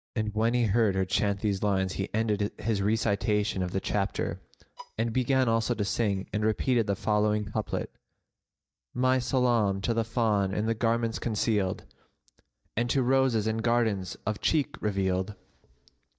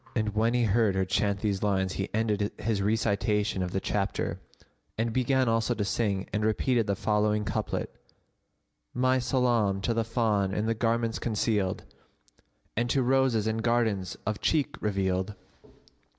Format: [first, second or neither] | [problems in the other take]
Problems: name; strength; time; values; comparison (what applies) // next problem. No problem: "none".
second | noise reduction (neural mask model DeepFilterNet 3)